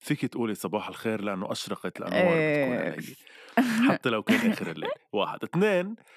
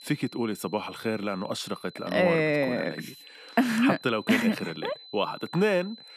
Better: first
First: none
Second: high-pitched whine; noticeable; throughout; 4 kHz, 20 dB below the speech

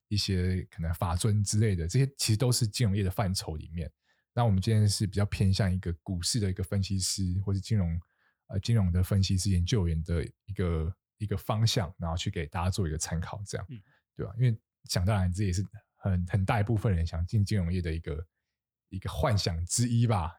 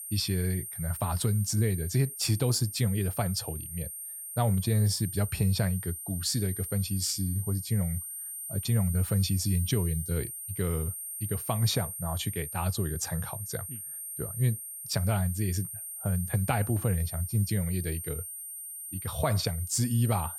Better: first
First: none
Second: high-pitched whine; loud; throughout; 9 kHz, 7 dB below the speech

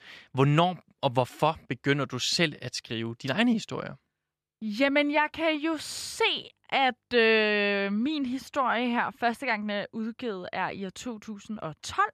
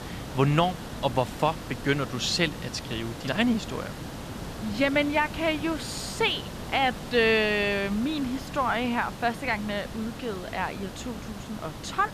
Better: first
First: none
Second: hiss; noticeable; throughout; 10 dB below the speech

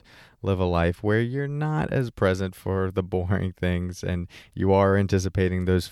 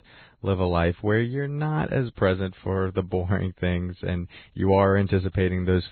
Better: first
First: none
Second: garbled, watery; badly; nothing above 4 kHz

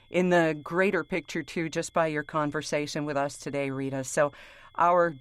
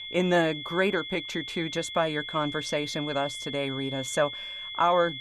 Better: first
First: high-pitched whine; faint; throughout; 3.5 kHz, 35 dB below the speech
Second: high-pitched whine; loud; throughout; 3.5 kHz, 7 dB below the speech

